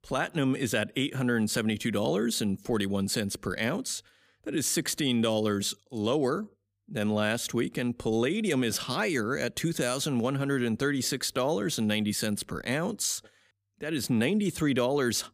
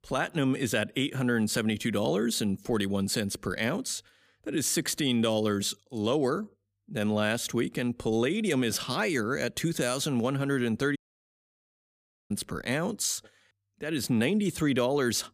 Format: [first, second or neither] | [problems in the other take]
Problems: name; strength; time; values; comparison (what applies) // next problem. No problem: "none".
first | audio cutting out; at 11 s for 1.5 s